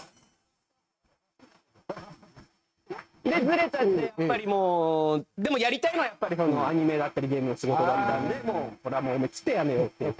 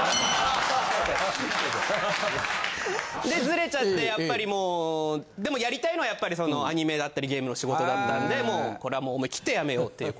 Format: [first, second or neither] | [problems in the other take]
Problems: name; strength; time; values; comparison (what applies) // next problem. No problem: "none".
second | noise reduction (neural mask model RNNoise)